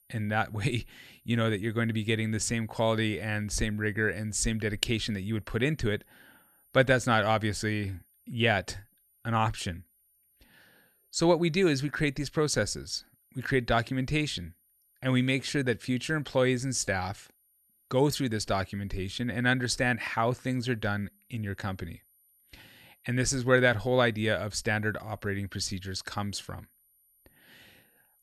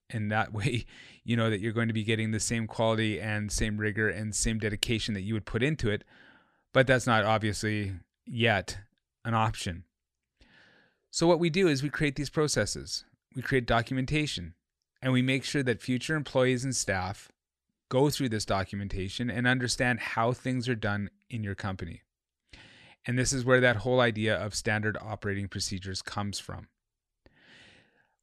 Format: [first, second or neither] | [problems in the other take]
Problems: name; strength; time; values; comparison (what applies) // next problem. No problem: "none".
second | high-pitched whine; faint; throughout; 11.5 kHz, 35 dB below the speech